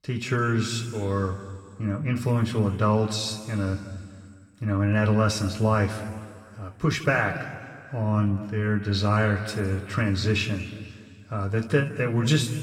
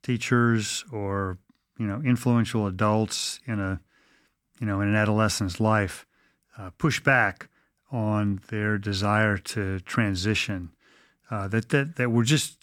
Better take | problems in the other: second | room echo; noticeable; dies away in 1.9 s // off-mic speech; somewhat distant

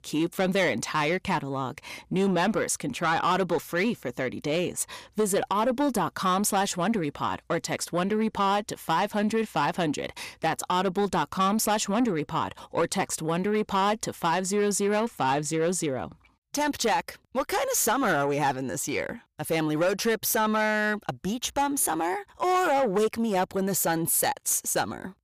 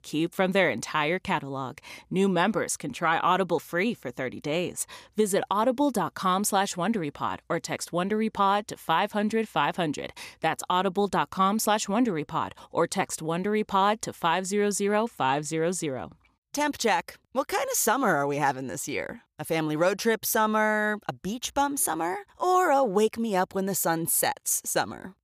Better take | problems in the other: second | distortion; slight; 10 dB below the speech

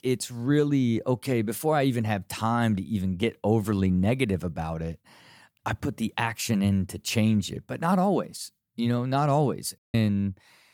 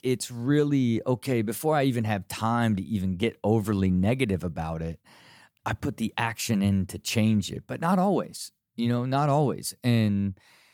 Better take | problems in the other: second | audio cutting out; at 10 s

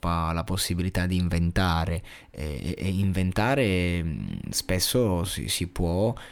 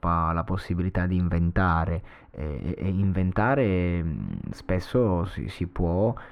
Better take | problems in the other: first | muffled; very; fading above 3 kHz

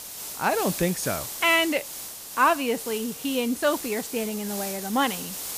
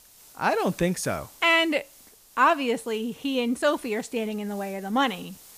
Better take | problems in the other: second | hiss; loud; throughout; 8 dB below the speech; faint in the second

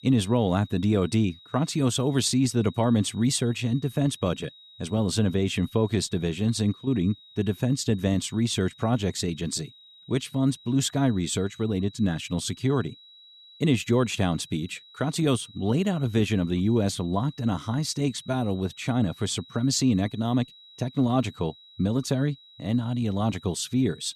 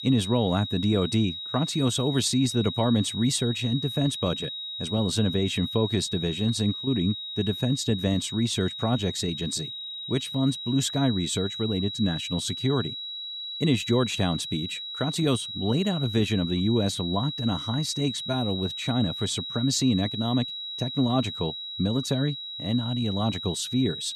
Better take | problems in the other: first | high-pitched whine; loud; throughout; 4 kHz, 6 dB below the speech; faint in the first

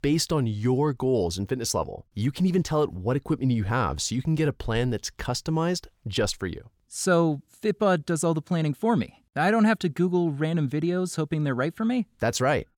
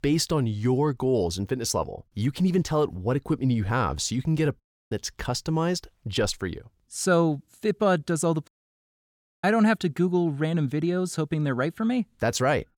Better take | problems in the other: first | audio cutting out; at 4.5 s and at 8.5 s for 1 s

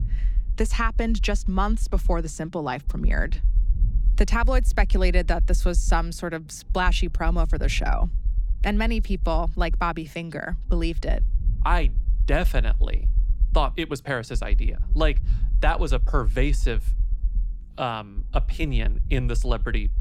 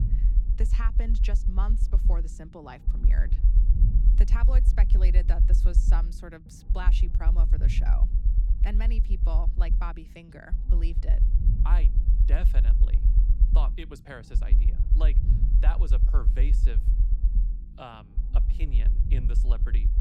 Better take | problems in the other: first | low rumble; loud; throughout; 5 dB below the speech; faint in the first

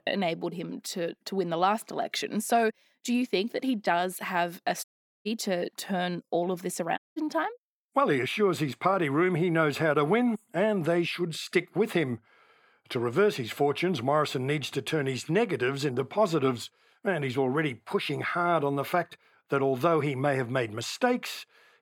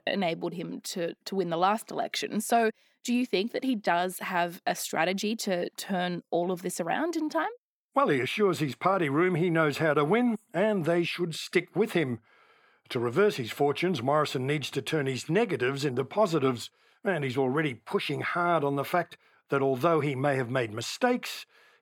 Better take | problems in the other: second | audio cutting out; at 5 s and at 7 s

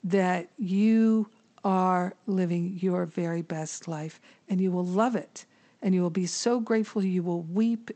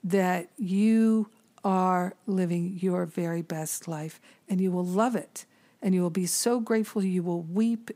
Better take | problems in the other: second | garbled, watery; slightly; nothing above 8 kHz

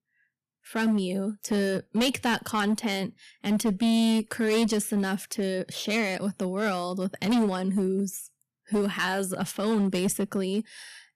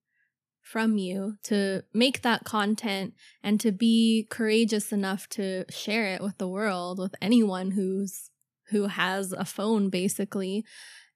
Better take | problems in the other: second | distortion; slight; 9% of the sound clipped

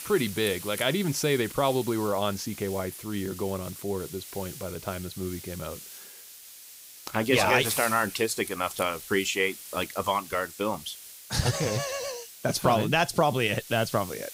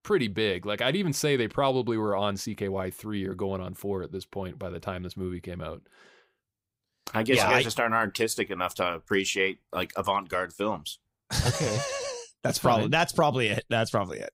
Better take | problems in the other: second | hiss; noticeable; throughout; 10 dB below the speech

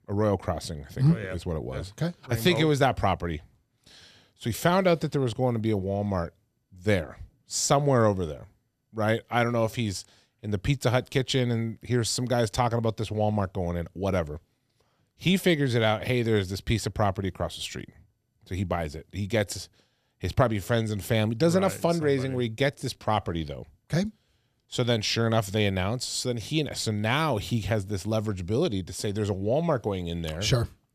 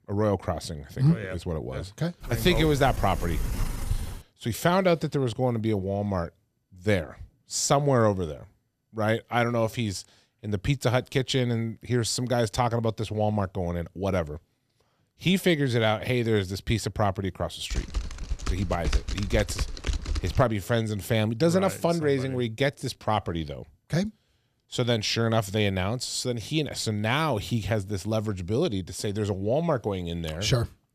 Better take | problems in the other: first | door banging; noticeable; from 2 to 4 s; peak 5 dB below the speech // keyboard typing; noticeable; from 18 to 20 s; peak 3 dB below the speech

